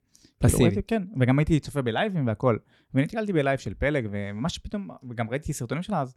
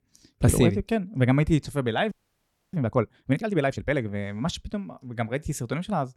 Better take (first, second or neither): first